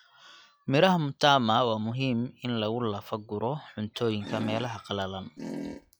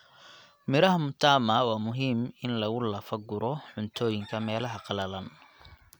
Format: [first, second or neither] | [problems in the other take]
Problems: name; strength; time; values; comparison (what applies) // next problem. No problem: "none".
second | noise reduction (classical method log-MMSE)